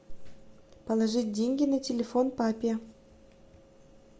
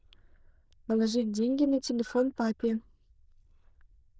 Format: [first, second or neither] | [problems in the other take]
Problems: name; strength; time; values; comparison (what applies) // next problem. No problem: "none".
first | noise reduction (neural diffusion model UNIVERSE++)